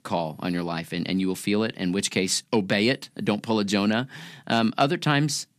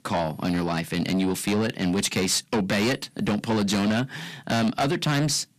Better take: first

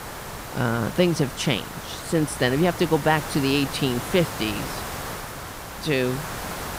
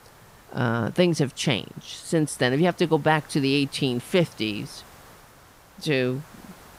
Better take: second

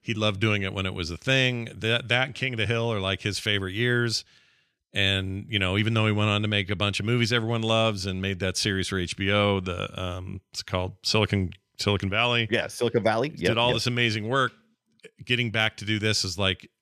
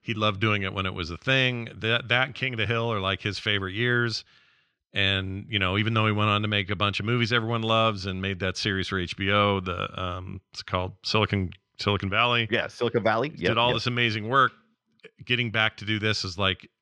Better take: first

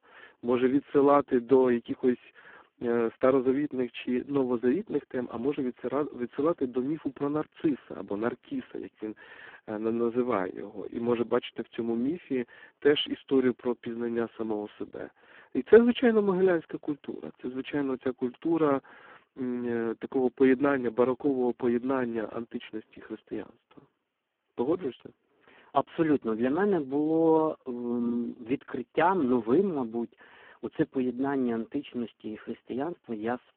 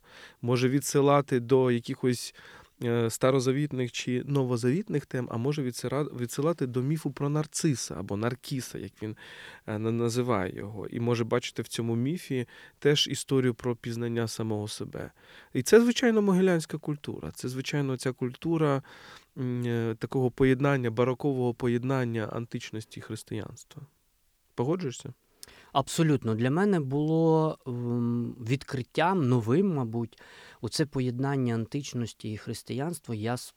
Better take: second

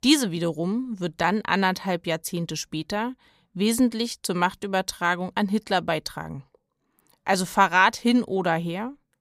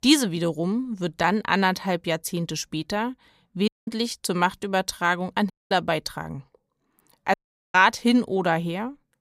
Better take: first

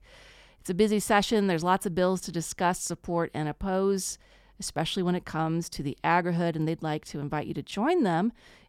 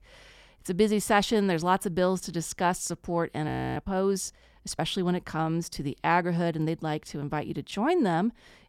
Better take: first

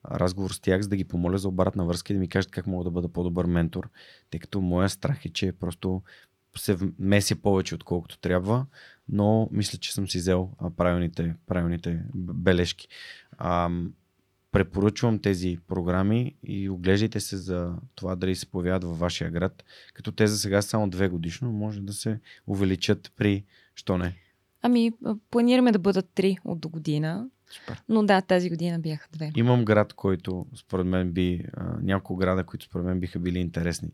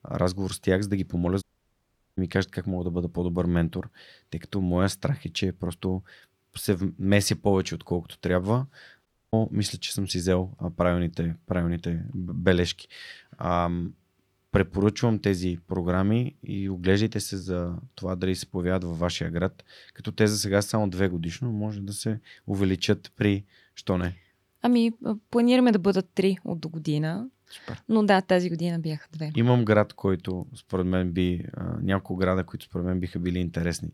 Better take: first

